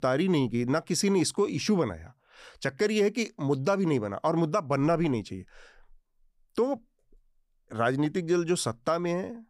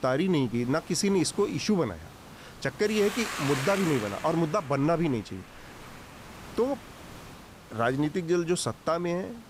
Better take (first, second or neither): first